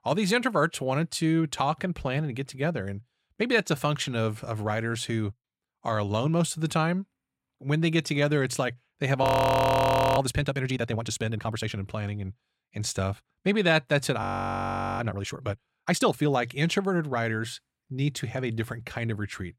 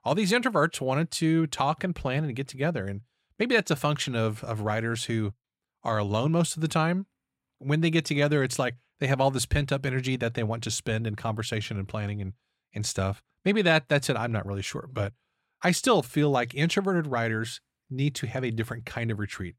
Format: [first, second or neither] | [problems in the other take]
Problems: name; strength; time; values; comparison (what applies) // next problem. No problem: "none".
second | audio freezing; at 9 s for 1 s and at 14 s for 1 s